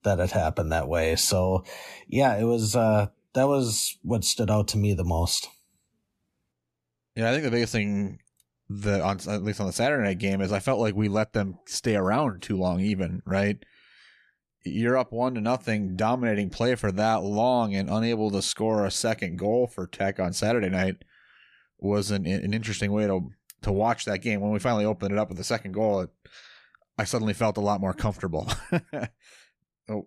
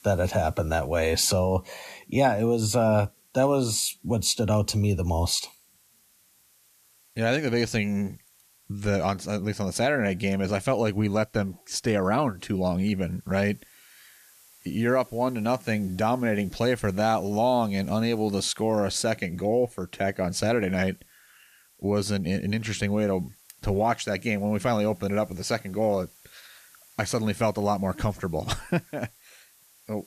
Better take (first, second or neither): first